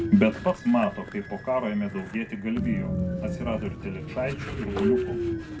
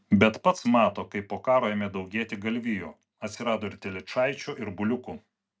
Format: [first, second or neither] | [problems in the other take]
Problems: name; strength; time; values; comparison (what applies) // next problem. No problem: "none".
second | background sound (Train); 4 dB below the speech // room echo; dies away in 0.2 s